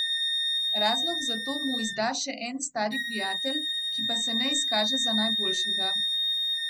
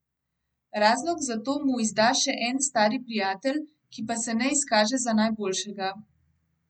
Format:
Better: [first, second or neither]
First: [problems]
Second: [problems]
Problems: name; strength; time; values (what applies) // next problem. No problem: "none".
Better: second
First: background sound (Wind instrument, woodwind instrument); 4 dB above the speech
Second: none